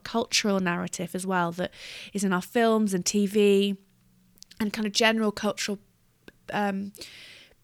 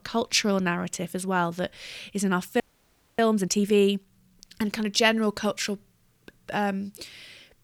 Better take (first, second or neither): first